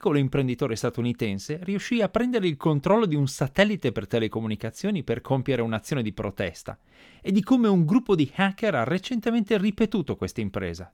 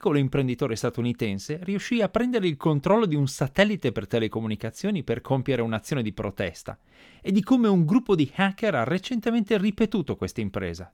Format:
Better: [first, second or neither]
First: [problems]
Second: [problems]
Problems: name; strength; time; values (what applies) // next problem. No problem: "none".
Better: neither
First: none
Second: none